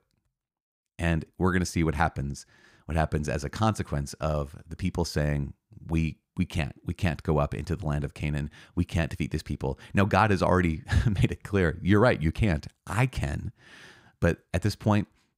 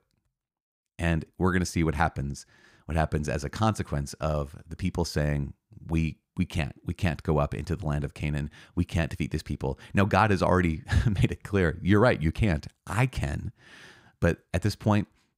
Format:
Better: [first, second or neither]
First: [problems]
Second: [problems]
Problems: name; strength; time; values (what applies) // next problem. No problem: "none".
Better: neither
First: none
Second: none